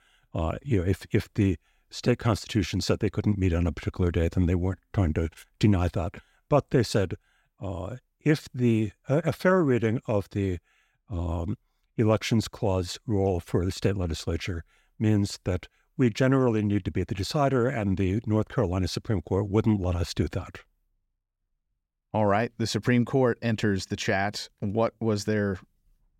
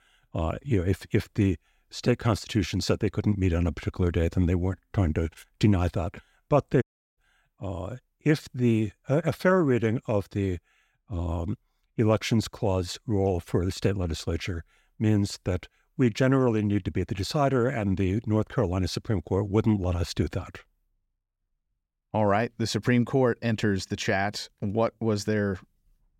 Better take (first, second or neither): first